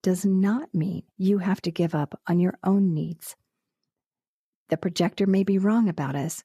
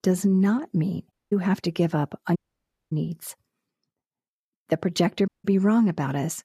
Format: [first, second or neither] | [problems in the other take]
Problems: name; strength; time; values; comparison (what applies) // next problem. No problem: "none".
first | audio cutting out; at 1 s, at 2.5 s for 0.5 s and at 5.5 s